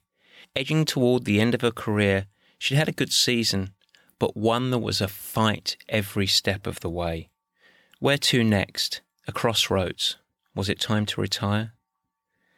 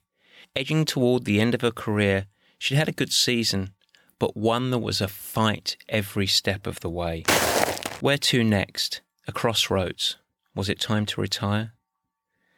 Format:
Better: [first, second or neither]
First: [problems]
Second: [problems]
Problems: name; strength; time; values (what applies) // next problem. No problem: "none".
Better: first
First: none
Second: footsteps; loud; at 7.5 s; peak 4 dB above the speech